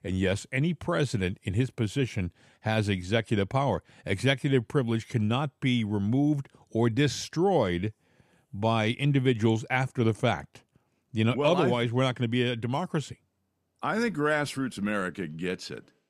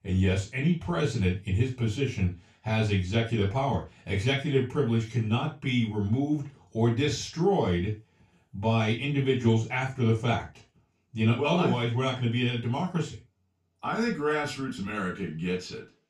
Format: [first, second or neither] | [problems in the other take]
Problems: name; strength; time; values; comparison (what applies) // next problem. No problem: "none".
first | room echo; slight; dies away in 0.2 s // off-mic speech; far